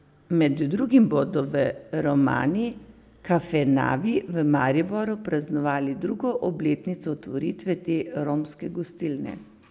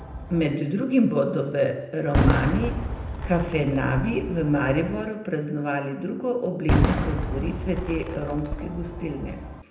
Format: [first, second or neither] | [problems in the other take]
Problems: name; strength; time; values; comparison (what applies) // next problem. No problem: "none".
first | background sound (Fireworks); 3 dB below the speech // room echo; dies away in 0.8 s